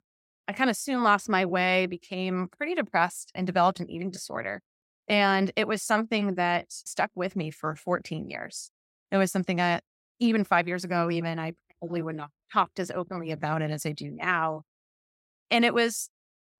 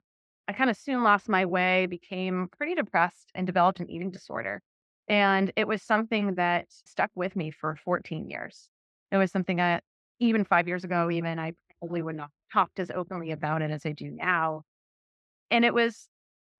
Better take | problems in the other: first | muffled; slightly; fading above 2.5 kHz

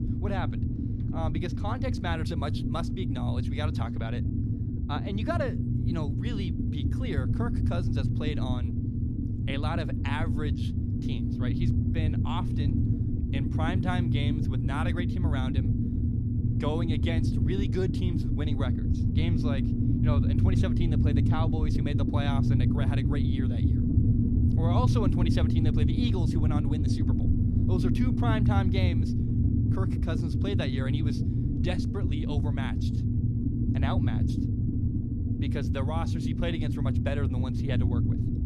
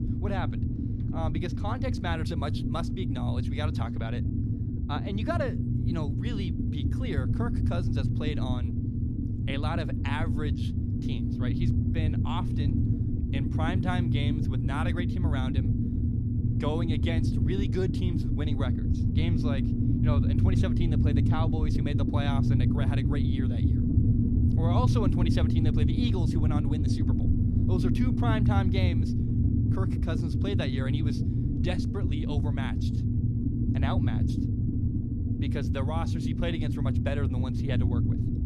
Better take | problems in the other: neither | low rumble; loud; throughout; as loud as the speech; the same in both

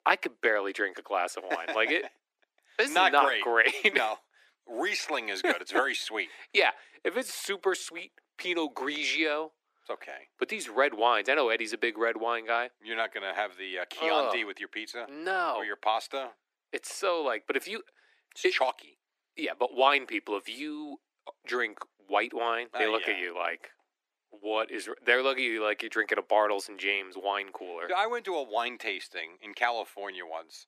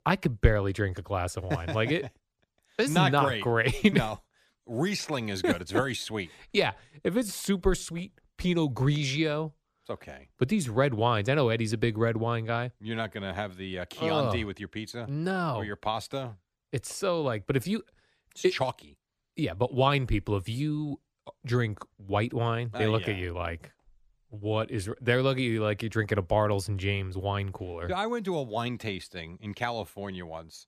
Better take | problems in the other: second | thin; very; fading below 300 Hz

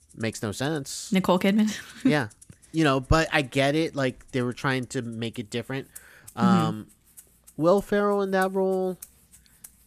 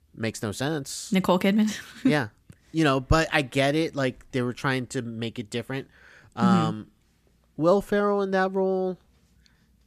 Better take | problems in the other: second | background music; faint; throughout; 25 dB below the speech

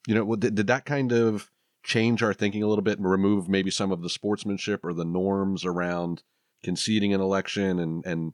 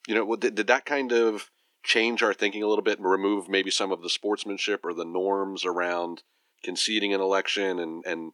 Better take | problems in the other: first | thin; somewhat; fading below 300 Hz

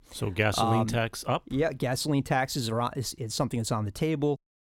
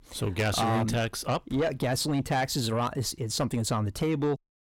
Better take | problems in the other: first | distortion; slight; 10 dB below the speech

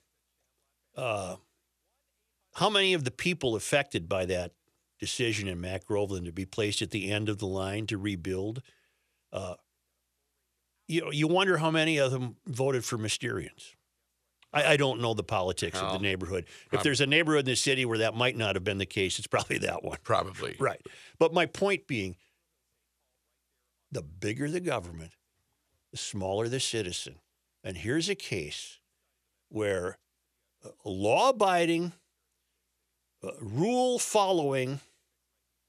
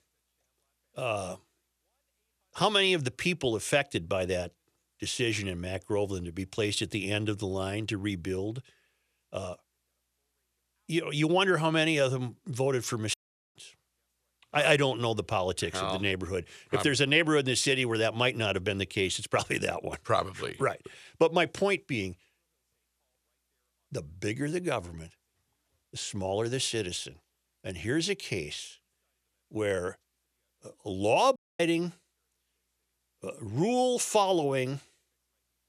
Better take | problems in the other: first | audio cutting out; at 13 s and at 31 s

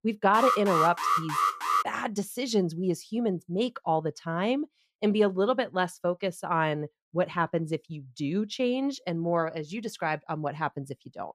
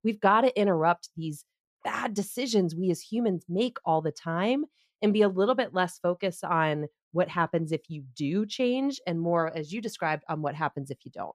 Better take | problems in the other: second | alarm; loud; until 2 s; peak 3 dB above the speech

